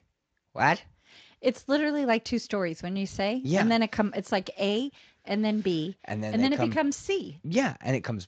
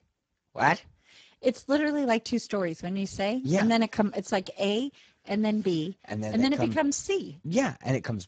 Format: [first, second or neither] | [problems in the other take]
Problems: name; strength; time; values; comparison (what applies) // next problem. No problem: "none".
first | garbled, watery; badly; nothing above 7.5 kHz; slightly in the first